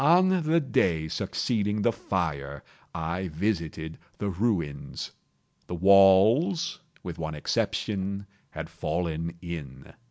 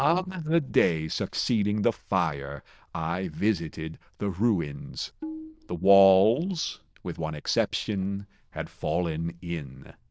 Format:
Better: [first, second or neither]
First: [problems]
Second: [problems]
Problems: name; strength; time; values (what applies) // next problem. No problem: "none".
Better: first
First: none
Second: noise reduction (neural diffusion model UNIVERSE++)